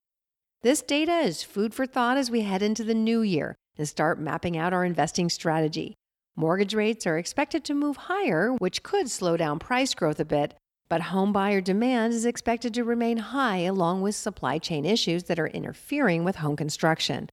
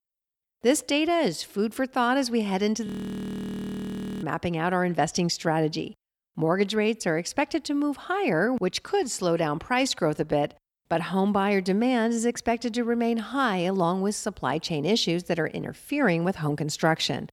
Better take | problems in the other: first | audio freezing; at 3 s for 1.5 s

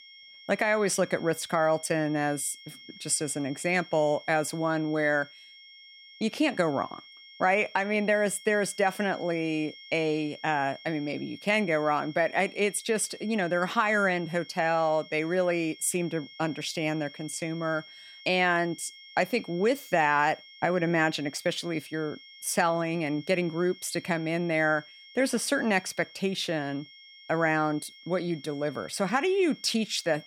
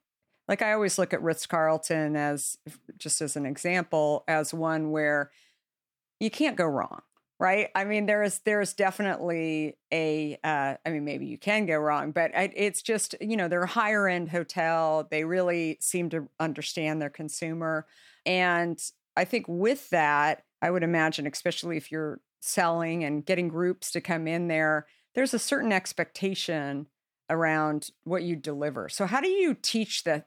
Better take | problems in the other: second | high-pitched whine; noticeable; throughout; 3 kHz, 20 dB below the speech

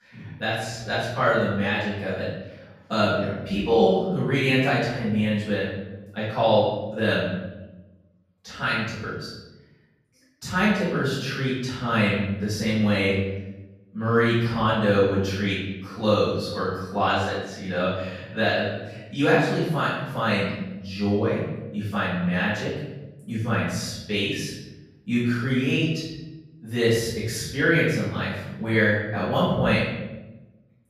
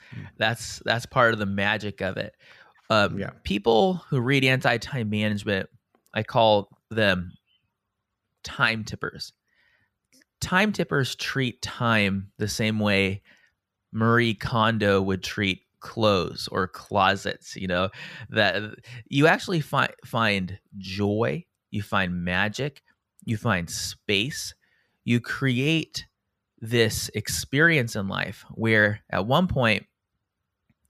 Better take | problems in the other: second | off-mic speech; far // room echo; strong; dies away in 1 s

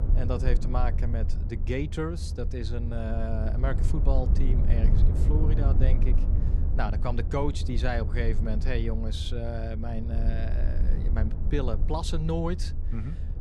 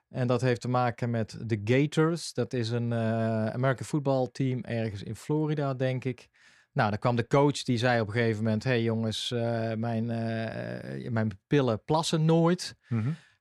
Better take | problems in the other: second | low rumble; loud; throughout; 8 dB below the speech

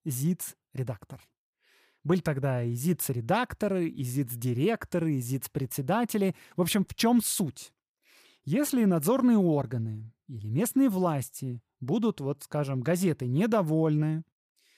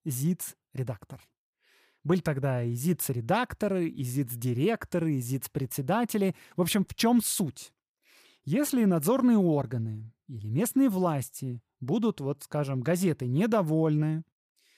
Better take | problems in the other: neither | none

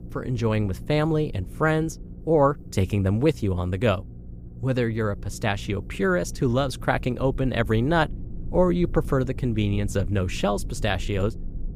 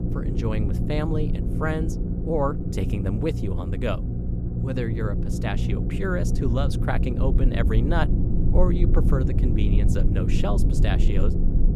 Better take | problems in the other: first | low rumble; loud; throughout; 5 dB below the speech; faint in the first

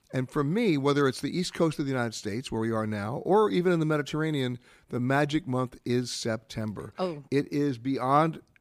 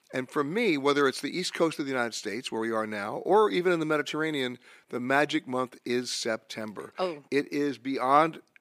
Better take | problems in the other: first | thin; very slightly; fading below 300 Hz

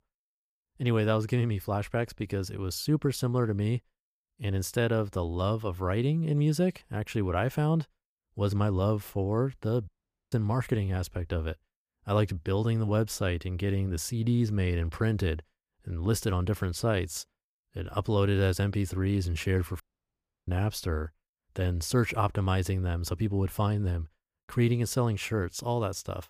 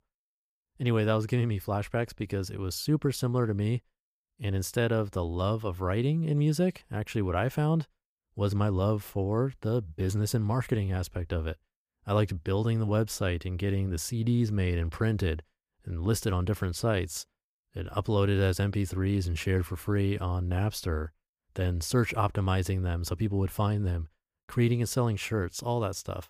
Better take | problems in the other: second | audio cutting out; at 10 s and at 20 s for 0.5 s

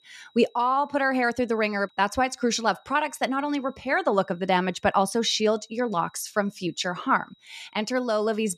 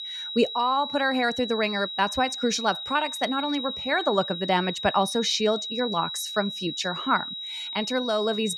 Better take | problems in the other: first | high-pitched whine; loud; throughout; 4 kHz, 6 dB below the speech; faint in the first

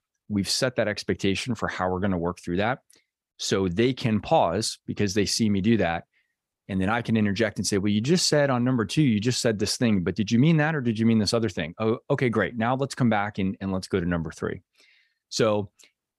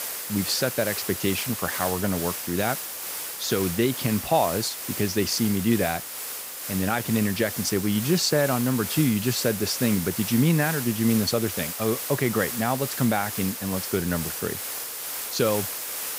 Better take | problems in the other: first | hiss; loud; throughout; 5 dB below the speech

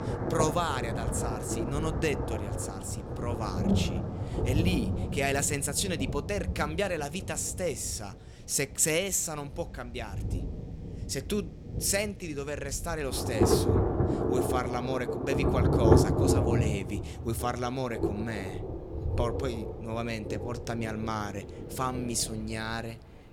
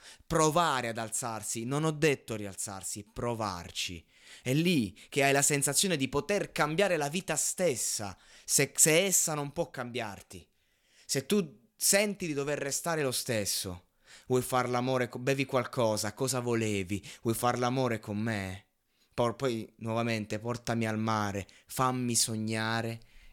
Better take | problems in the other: second | rain or running water; very loud; throughout; 1 dB above the speech

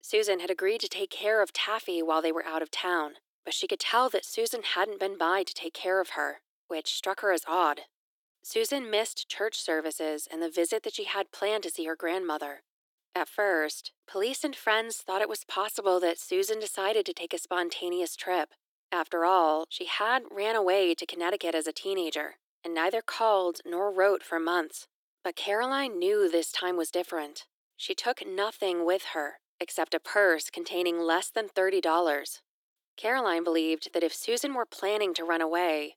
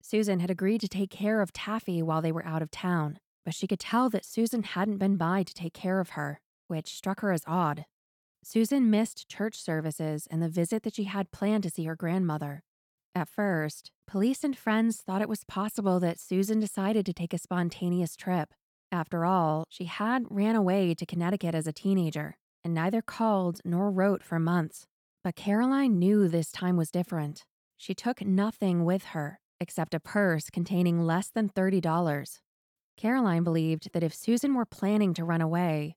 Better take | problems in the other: second | thin; very; fading below 350 Hz

